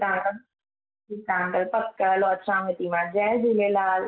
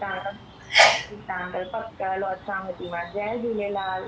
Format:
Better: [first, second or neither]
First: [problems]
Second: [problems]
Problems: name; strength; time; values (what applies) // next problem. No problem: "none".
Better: first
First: none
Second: background sound (Sneeze); 2 dB above the speech